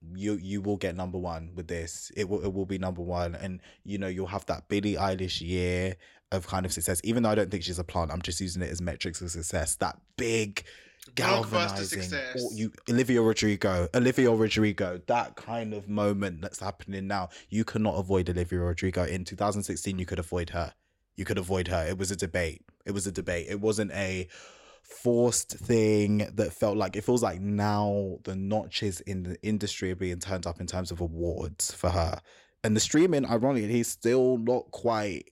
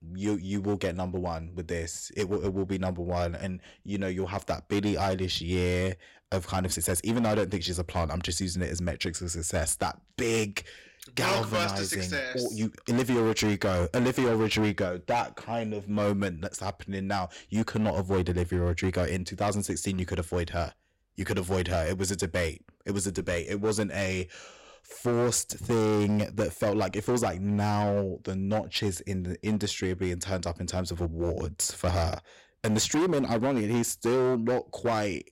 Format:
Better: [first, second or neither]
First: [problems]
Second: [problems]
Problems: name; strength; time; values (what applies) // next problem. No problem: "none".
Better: first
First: none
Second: distortion; slight; 9% of the sound clipped